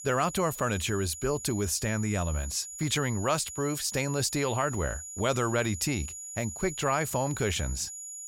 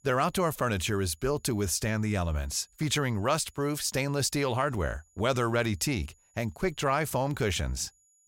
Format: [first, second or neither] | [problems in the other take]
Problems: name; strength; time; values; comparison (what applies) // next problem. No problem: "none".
second | high-pitched whine; loud; throughout; 7 kHz, 9 dB below the speech; faint in the second